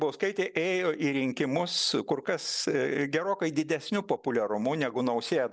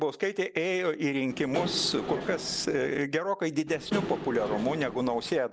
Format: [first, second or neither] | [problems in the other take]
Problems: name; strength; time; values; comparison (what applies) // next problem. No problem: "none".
first | background sound (Engine / Mechanisms); 8 dB below the speech